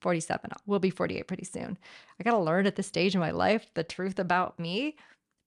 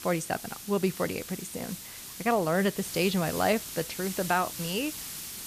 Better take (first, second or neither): first